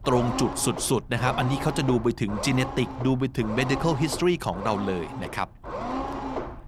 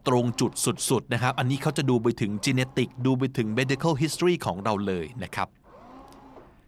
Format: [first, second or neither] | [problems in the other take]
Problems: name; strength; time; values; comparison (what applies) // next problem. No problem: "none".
second | low rumble; loud; throughout; 6 dB below the speech; faint in the second